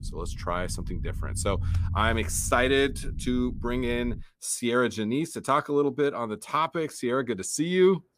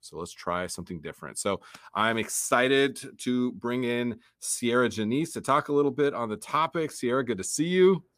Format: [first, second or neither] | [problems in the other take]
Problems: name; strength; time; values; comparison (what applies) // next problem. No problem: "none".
second | low rumble; faint; until 4 s; 25 dB below the speech